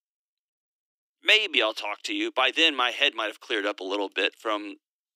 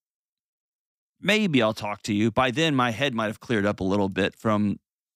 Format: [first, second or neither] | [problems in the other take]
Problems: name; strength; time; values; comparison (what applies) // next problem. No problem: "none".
second | thin; very; fading below 300 Hz